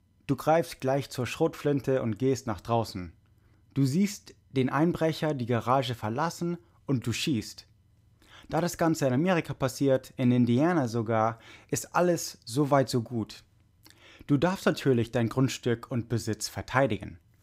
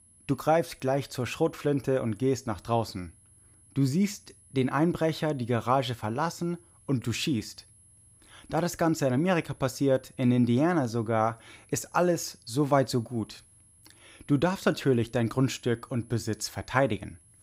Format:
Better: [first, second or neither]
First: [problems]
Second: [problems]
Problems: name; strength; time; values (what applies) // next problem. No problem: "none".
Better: first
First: none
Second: high-pitched whine; faint; throughout; 10.5 kHz, 30 dB below the speech